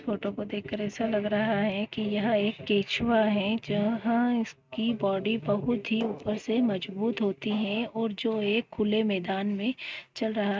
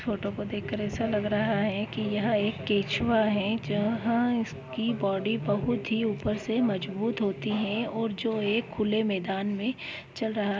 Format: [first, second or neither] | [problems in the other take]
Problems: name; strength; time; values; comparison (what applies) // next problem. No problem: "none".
second | noise reduction (neural mask model RNNoise)